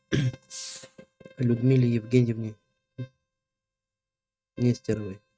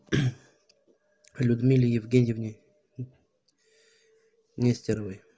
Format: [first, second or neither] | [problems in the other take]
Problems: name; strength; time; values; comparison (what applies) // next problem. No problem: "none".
second | noise reduction (neural mask model RNNoise)